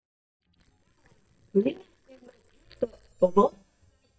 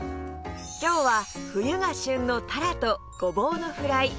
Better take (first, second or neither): second